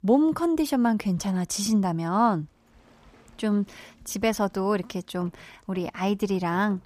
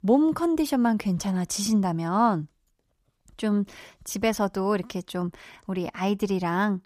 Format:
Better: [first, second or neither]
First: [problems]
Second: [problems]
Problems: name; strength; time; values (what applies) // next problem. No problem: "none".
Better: second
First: rain or running water; faint; from 2.5 s on; 30 dB below the speech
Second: none